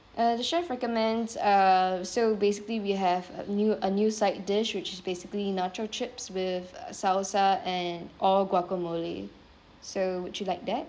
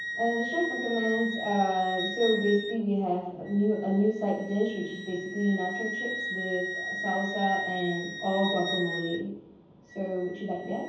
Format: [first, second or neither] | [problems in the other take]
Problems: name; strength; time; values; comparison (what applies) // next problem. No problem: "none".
first | background sound (Wind instrument, woodwind instrument); 7 dB below the speech // room echo; dies away in 0.9 s